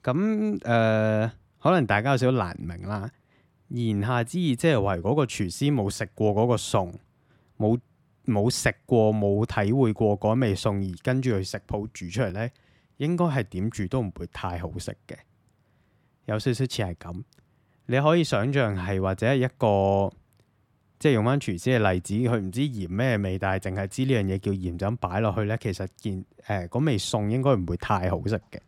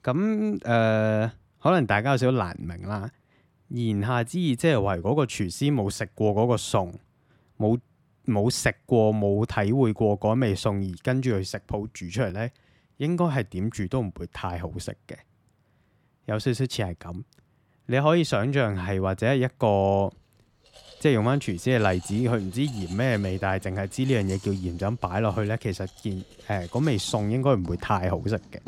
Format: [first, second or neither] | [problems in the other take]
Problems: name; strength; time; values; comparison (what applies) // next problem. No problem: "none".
first | household noises; faint; from 21 s on; 20 dB below the speech